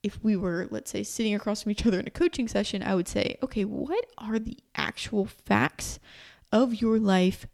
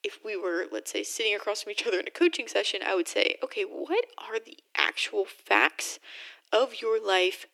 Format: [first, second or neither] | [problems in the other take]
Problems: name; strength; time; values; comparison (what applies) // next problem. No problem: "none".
first | thin; very; fading below 300 Hz